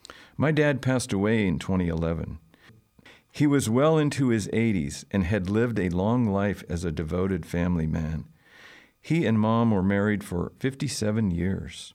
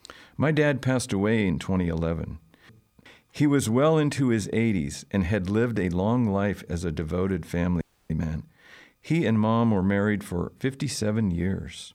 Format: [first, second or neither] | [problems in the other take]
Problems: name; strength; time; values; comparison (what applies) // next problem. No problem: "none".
first | audio freezing; at 8 s